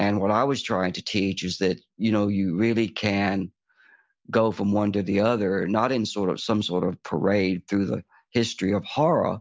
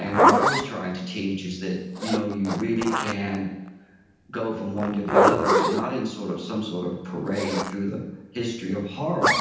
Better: first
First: none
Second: background sound (Zipper (clothing)); 2 dB above the speech // room echo; dies away in 0.9 s

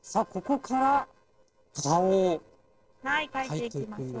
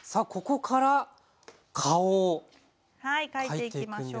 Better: second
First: noise reduction (neural separator model SepFormer DNS4)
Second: none

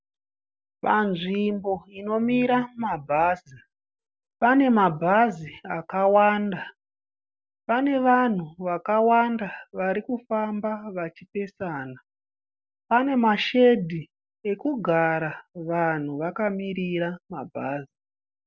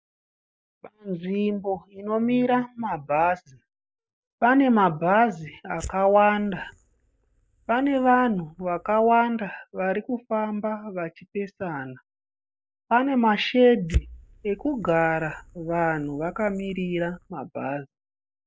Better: first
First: none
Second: noise reduction (neural mask model DeepFilterNet 3)

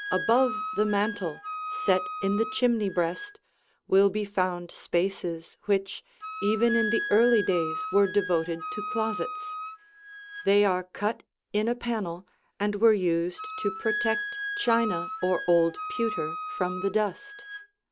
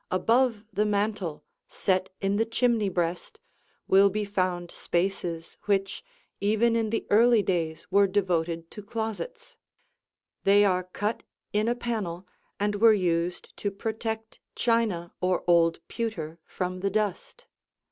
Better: second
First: background sound (Wind instrument, woodwind instrument); 9 dB below the speech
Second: none

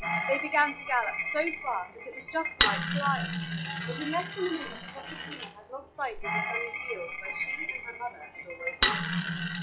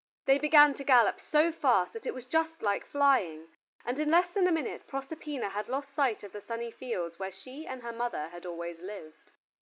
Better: second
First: noise reduction (classical method log-MMSE)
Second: none

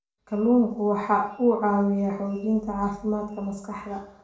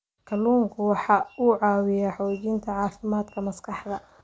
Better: second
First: room echo; dies away in 0.5 s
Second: none

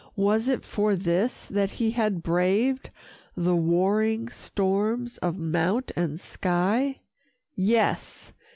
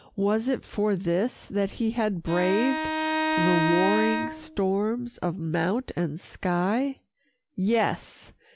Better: first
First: none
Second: background sound (Bowed string instrument); 2 dB below the speech

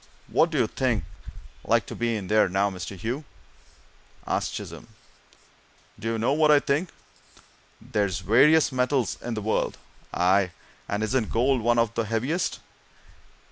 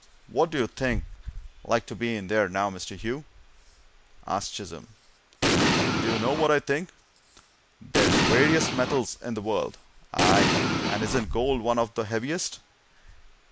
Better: first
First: none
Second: background sound (Explosion); 5 dB above the speech

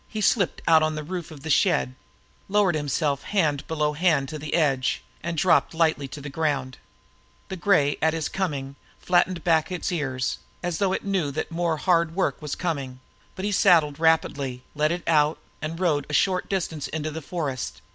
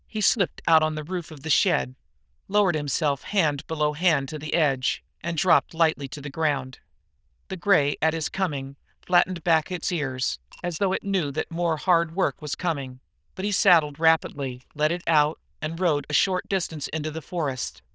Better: first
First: none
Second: noise reduction (neural diffusion model UNIVERSE++)

